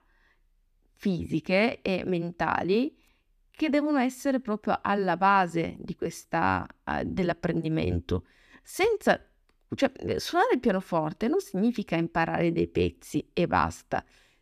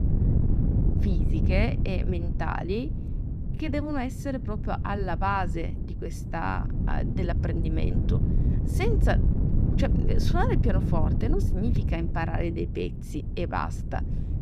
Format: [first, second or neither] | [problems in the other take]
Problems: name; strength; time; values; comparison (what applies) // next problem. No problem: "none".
first | wind noise on the microphone; heavy; 7 dB below the speech